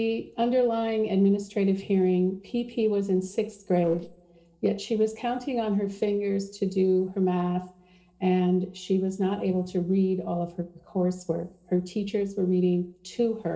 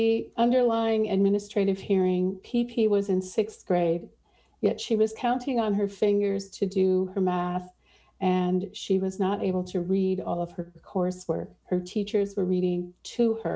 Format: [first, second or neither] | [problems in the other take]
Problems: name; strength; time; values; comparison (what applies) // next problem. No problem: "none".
second | noise reduction (neural separator model SepFormer DNS4)